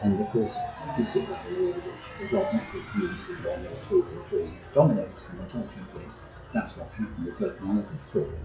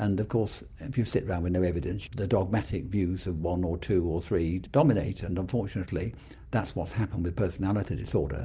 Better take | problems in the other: second | noise reduction (classical method WPE with log-MMSE)

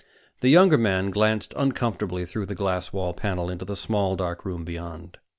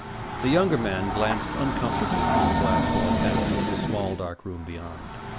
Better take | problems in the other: first | background sound (Train); 2 dB above the speech

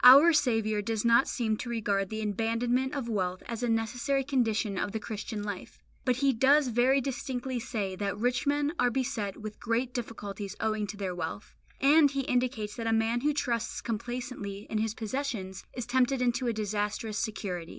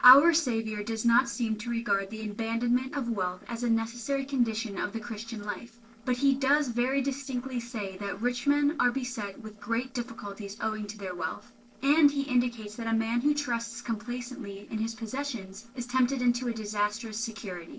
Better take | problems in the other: first | noise reduction (neural separator model SepFormer DNS4)

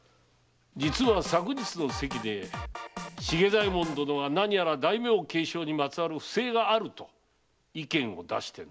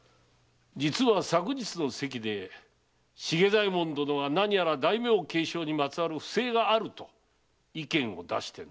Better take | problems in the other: second | background sound (Drum kit); 10 dB below the speech

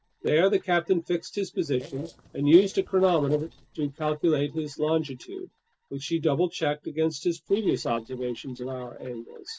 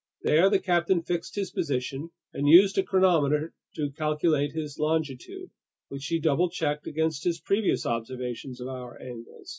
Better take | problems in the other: second | noise reduction (neural separator model SepFormer DNS4)

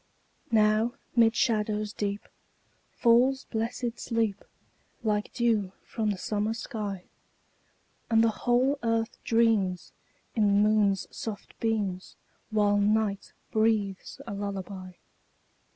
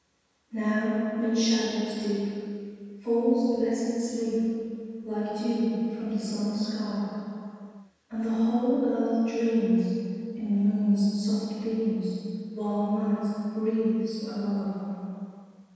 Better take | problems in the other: first | room echo; dies away in 2.1 s

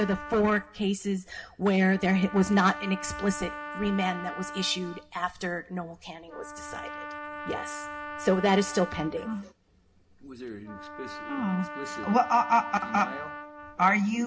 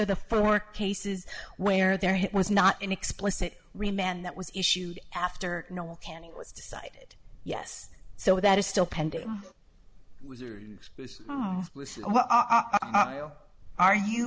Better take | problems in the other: second | background sound (Trumpet); 12 dB below the speech // room echo; dies away in 0.3 s

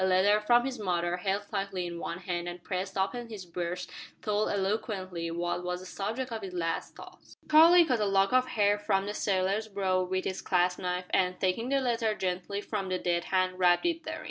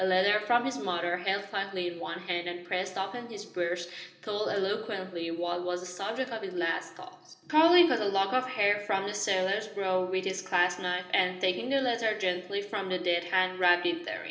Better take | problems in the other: first | room echo; dies away in 0.8 s

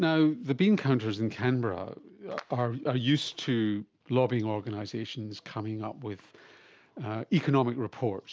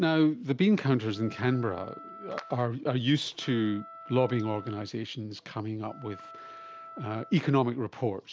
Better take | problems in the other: first | background sound (Wind instrument, woodwind instrument); 19 dB below the speech

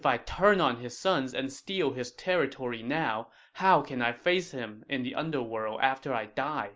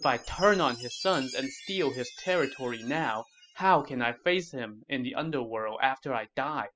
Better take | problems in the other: first | noise reduction (classical method spectral subtraction)

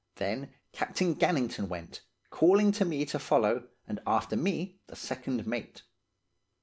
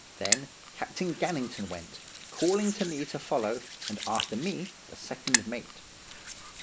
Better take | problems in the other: first | noise reduction (neural mask model Resemble Enhance denoiser)

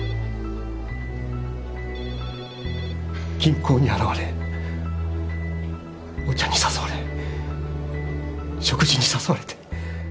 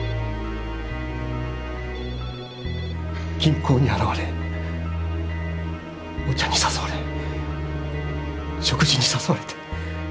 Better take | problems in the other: first | background sound (Musical instrument); 12 dB below the speech

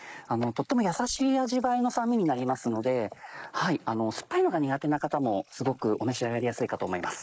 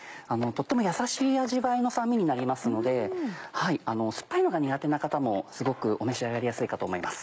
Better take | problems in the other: second | noise reduction (neural mask model Resemble Enhance denoiser)

